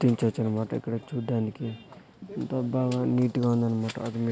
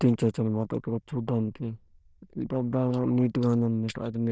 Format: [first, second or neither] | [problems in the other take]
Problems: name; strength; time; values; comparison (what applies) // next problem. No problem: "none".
first | noise reduction (neural diffusion model UNIVERSE++)